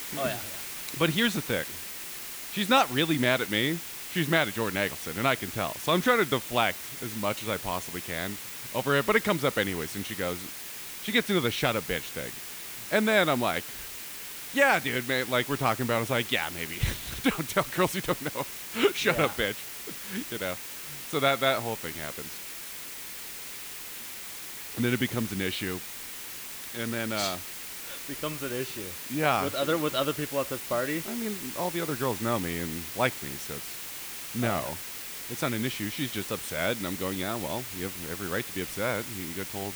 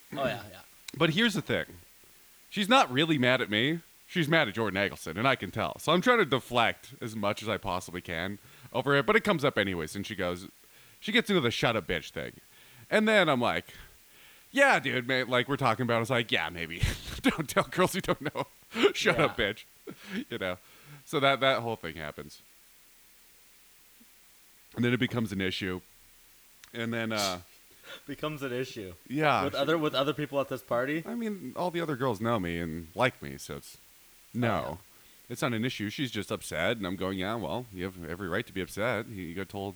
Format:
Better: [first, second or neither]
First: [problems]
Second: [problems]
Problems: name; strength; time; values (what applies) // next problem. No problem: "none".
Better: second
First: hiss; loud; throughout; 8 dB below the speech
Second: hiss; faint; throughout; 25 dB below the speech